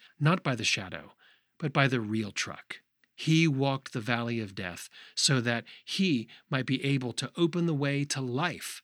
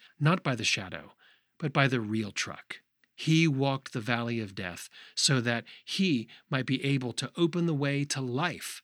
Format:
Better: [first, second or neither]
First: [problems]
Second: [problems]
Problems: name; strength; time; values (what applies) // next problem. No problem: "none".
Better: neither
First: none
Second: none